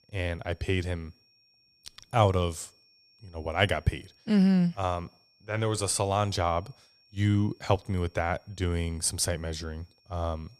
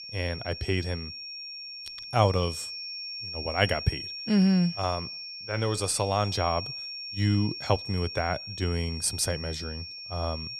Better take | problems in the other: first | high-pitched whine; loud; throughout; 5.5 kHz, 8 dB below the speech; faint in the first

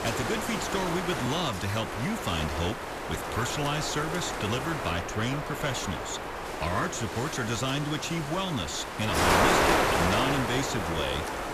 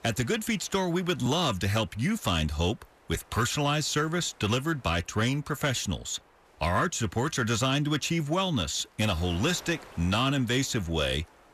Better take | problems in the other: second | wind noise on the microphone; heavy; 3 dB above the speech; occasional gusts in the second

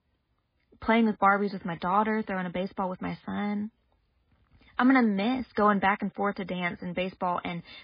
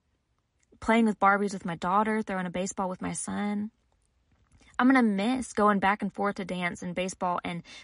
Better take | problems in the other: second | garbled, watery; badly; nothing above 4.5 kHz; slightly in the second

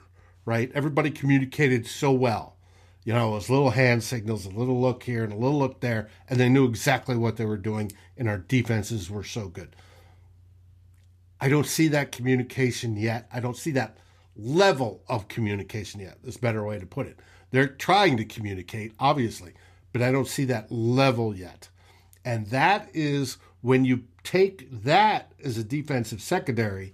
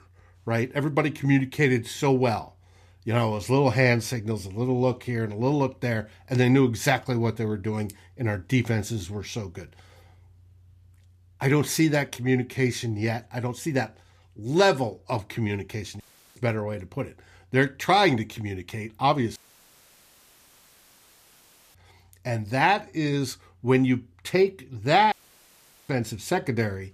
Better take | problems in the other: first | audio cutting out; at 16 s, at 19 s for 2.5 s and at 25 s for 1 s

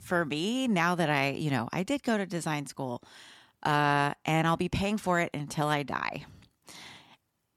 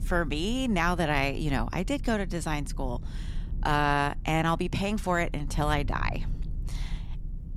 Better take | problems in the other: first | low rumble; faint; throughout; 25 dB below the speech

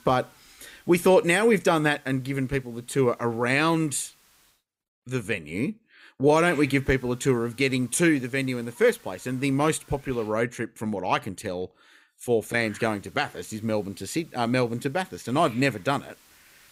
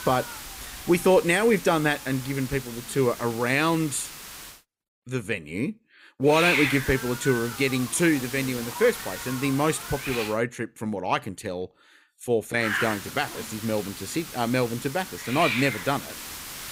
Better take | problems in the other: first | hiss; loud; until 4.5 s, from 6.5 to 10 s and from 13 s on; 7 dB below the speech; faint in the first

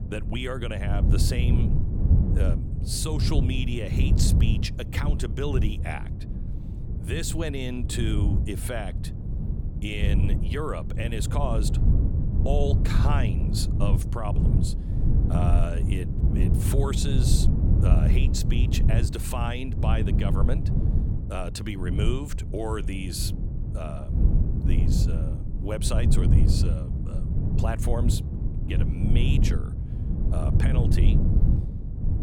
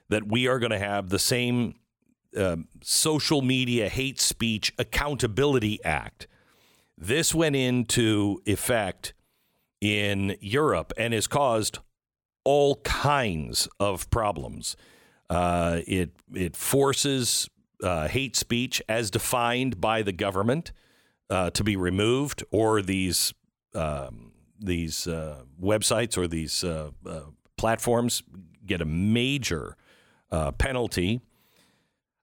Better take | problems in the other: second | wind noise on the microphone; heavy; 4 dB below the speech

